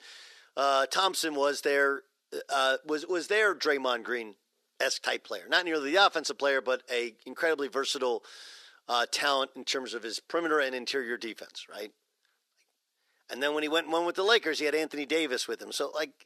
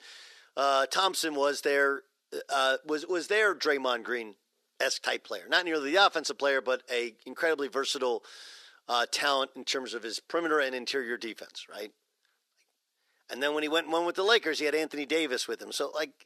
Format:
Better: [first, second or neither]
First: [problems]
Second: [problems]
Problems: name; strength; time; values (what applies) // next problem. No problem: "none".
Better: neither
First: thin; very; fading below 350 Hz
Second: thin; very; fading below 350 Hz